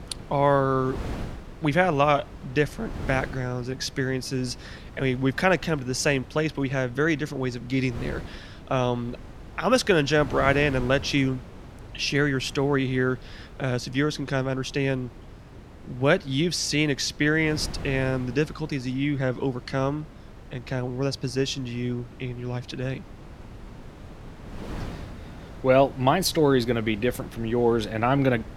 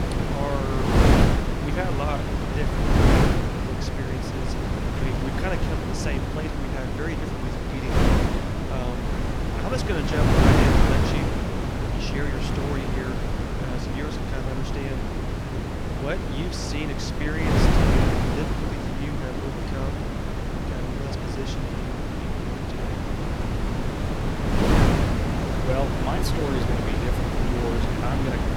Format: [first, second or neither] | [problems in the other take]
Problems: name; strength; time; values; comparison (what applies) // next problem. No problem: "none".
first | wind noise on the microphone; heavy; 5 dB above the speech; occasional gusts in the first